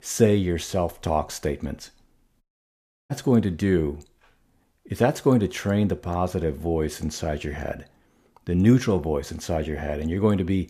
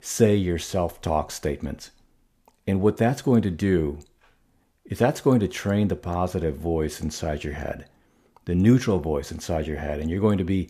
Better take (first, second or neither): second